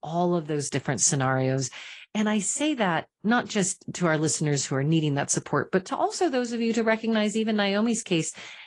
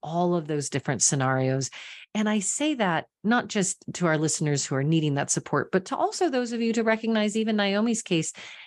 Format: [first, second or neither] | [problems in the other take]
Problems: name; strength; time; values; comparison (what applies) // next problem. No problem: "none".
second | garbled, watery; slightly